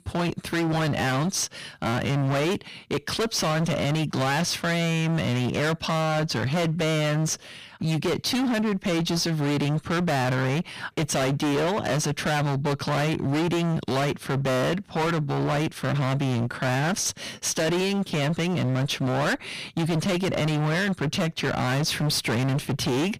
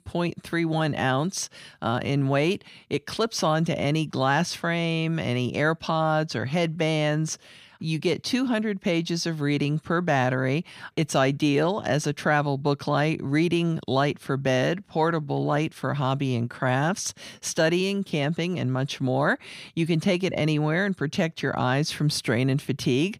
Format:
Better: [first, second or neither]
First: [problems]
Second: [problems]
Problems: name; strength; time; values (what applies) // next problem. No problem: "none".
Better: second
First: distortion; heavy; 38% of the sound clipped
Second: none